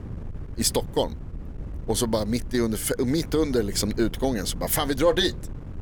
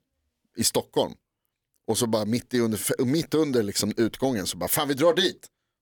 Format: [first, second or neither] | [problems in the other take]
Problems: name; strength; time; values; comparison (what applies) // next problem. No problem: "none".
second | wind noise on the microphone; occasional gusts; 20 dB below the speech